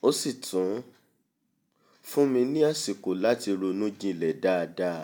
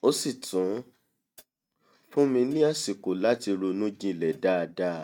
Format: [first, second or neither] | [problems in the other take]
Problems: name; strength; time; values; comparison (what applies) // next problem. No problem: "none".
first | noise reduction (neural mask model RNNoise)